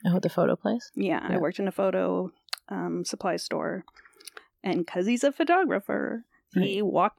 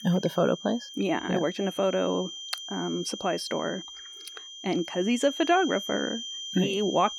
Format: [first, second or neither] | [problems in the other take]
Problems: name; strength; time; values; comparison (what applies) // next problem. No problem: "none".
first | high-pitched whine; loud; throughout; 3 kHz, 9 dB below the speech